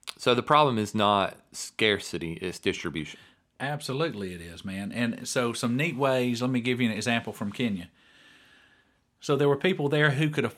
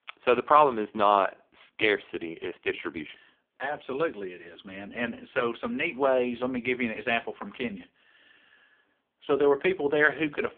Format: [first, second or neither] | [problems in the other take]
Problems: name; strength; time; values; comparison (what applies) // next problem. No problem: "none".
first | phone-call audio; poor line